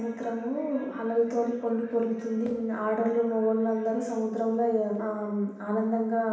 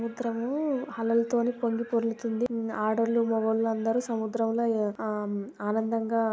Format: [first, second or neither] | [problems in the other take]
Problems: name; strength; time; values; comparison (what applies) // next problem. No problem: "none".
second | room echo; dies away in 0.9 s